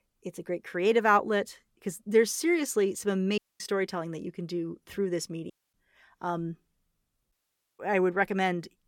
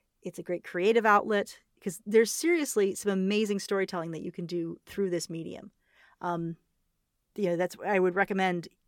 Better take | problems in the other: second | audio cutting out; at 3.5 s, at 5.5 s and at 7.5 s

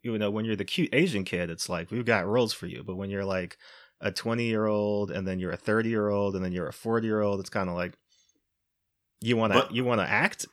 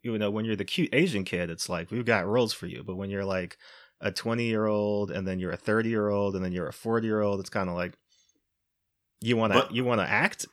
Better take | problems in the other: neither | none

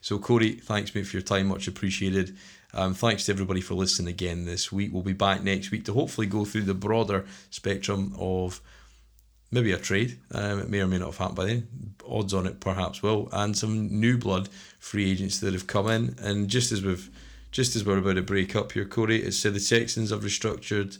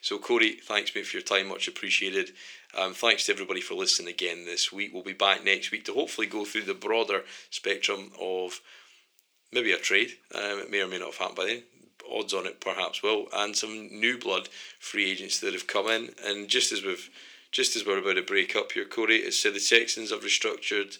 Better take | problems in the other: first | thin; very; fading below 350 Hz

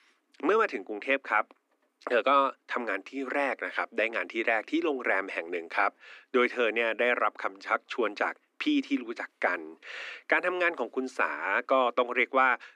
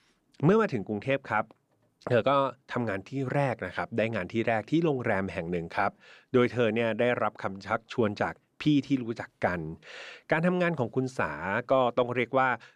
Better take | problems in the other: second | thin; very slightly; fading below 250 Hz

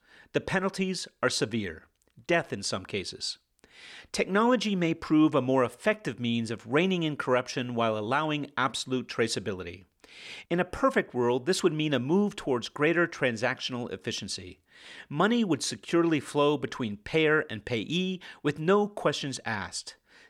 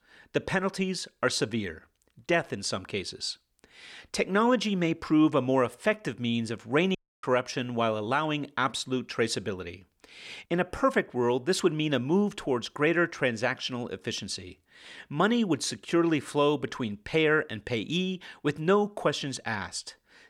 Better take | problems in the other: first | audio cutting out; at 7 s

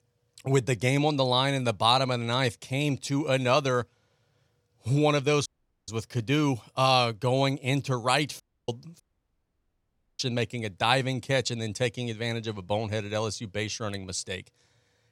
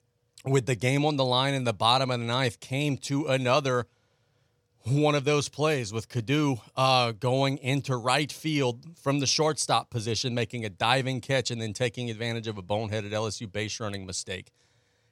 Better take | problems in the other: second | audio cutting out; at 5.5 s, at 8.5 s and at 9 s for 1 s

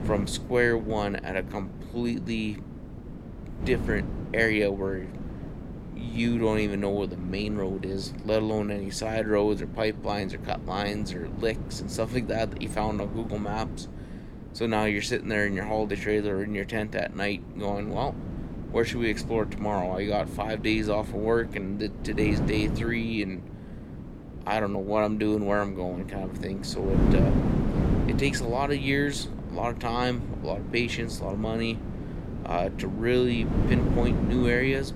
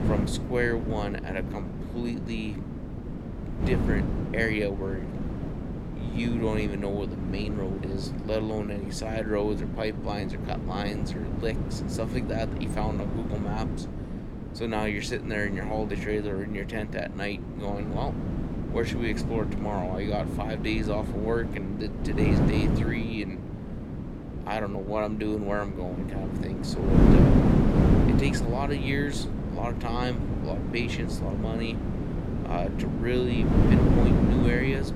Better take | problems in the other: first | wind noise on the microphone; heavy; 2 dB below the speech; occasional gusts in the first

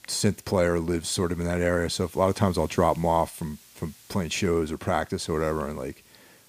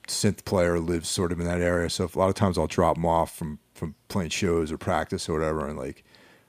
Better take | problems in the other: second | hiss; faint; throughout; 25 dB below the speech

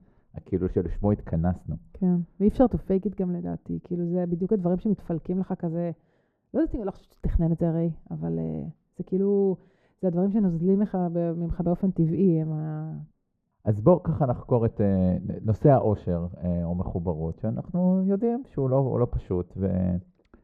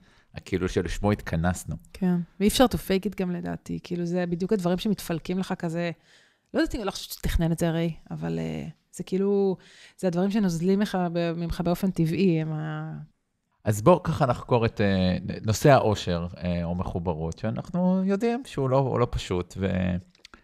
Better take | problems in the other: second | muffled; very; fading above 1.5 kHz

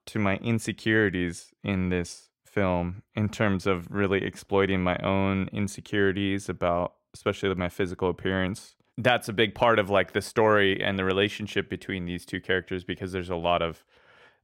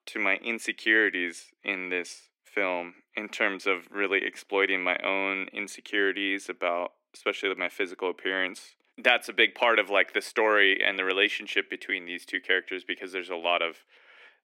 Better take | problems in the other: first | thin; somewhat; fading below 250 Hz

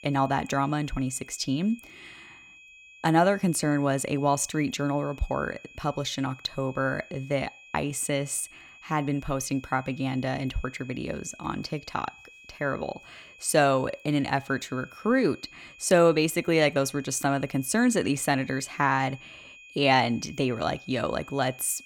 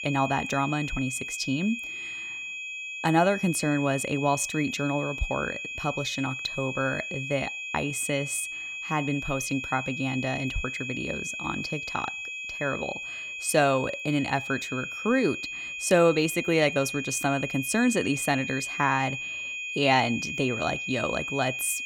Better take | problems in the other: first | high-pitched whine; loud; throughout; 2.5 kHz, 5 dB below the speech; faint in the first

